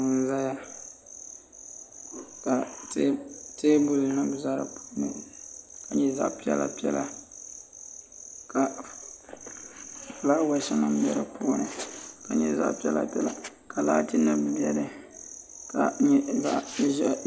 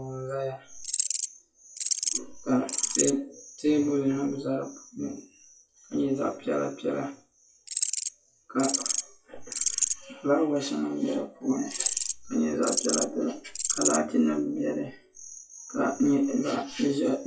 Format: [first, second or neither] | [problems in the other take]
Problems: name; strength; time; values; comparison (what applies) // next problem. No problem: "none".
first | noise reduction (classical method WPE with log-MMSE)